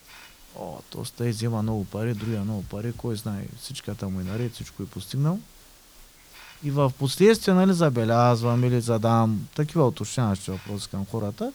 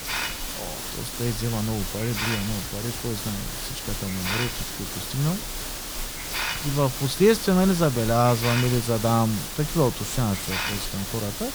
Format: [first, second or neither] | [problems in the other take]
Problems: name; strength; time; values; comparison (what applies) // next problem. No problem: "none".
first | hiss; loud; throughout; 4 dB below the speech; faint in the first